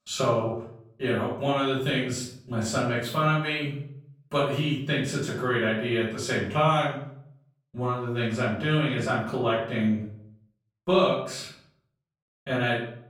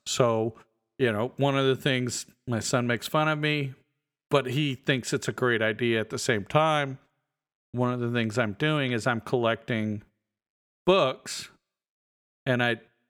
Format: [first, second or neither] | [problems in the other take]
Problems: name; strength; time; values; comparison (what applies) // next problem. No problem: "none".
second | off-mic speech; far // room echo; noticeable; dies away in 0.5 s